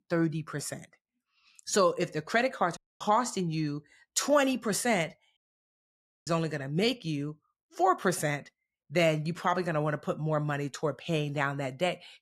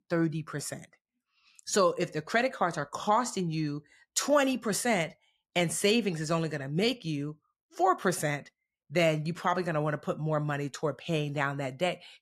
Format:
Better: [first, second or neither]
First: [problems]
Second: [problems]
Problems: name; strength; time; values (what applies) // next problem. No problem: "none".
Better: second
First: audio cutting out; at 3 s and at 5.5 s for 1 s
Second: none